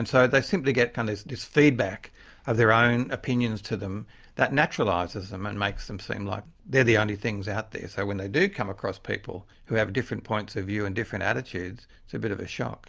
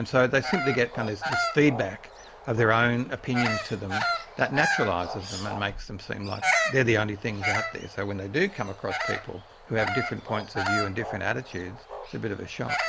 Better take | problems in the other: first | background sound (Bird vocalization, bird call, bird song); 4 dB below the speech

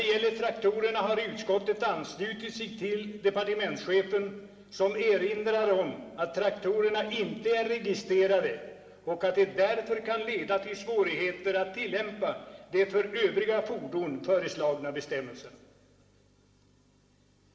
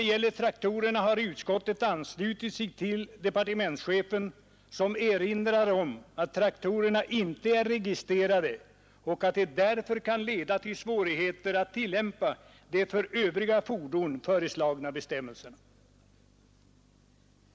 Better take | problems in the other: second | room echo; dies away in 2.5 s

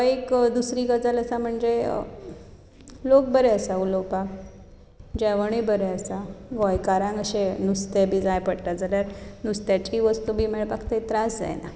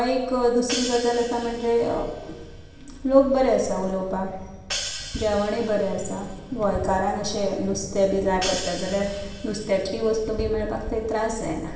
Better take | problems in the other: first | background sound (Hi-hat); 13 dB below the speech // room echo; dies away in 0.8 s

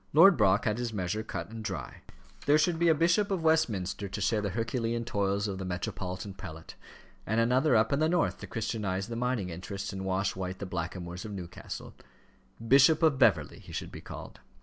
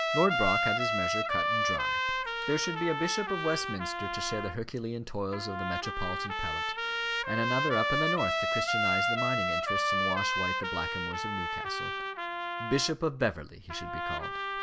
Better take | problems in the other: first | background sound (Trumpet); 3 dB above the speech

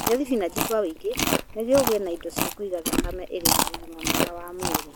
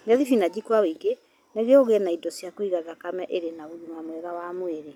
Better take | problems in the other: second | background sound (Chewing, mastication); as loud as the speech

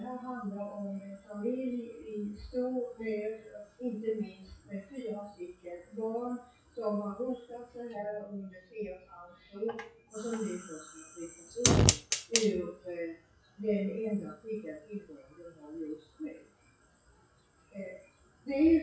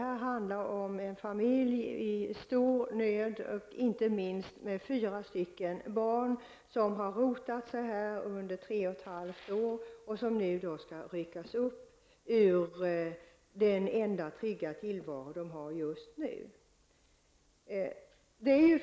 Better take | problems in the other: second | noise reduction (classical method WPE with log-MMSE)

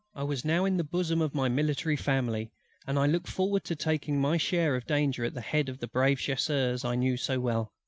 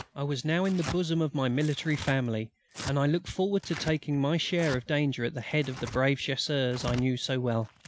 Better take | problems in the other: first | background sound (Tearing); 15 dB below the speech

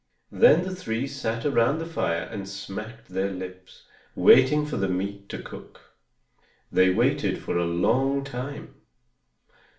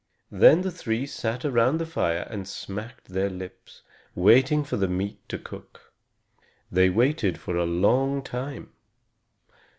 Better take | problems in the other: second | room echo; dies away in 0.4 s

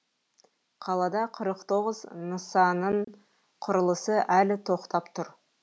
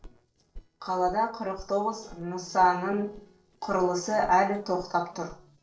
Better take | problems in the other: first | noise reduction (neural separator model SepFormer DNS4)

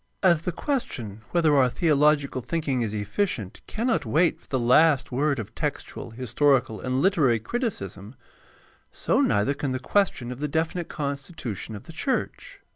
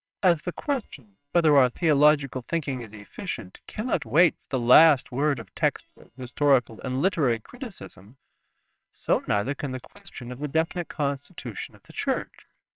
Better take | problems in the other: first | noise reduction (neural separator model SepFormer WHAMR!)

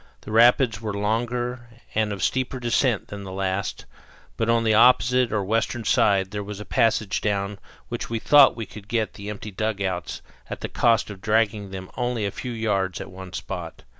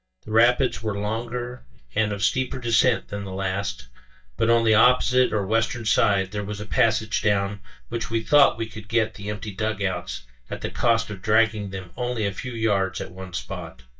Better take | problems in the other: first | noise reduction (neural mask model DeepFilterNet 3)

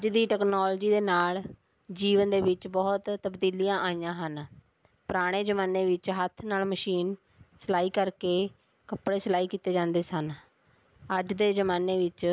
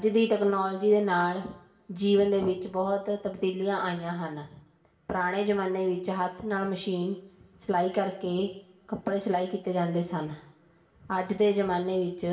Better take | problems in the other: first | room echo; dies away in 0.7 s

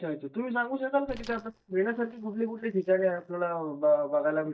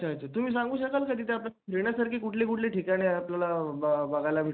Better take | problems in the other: second | noise reduction (neural mask model DeepFilterNet 3)

